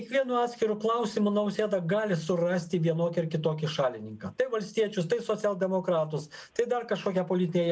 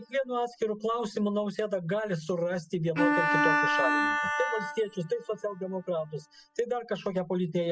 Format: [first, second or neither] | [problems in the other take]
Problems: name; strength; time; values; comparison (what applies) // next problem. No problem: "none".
first | noise reduction (classical method spectral subtraction)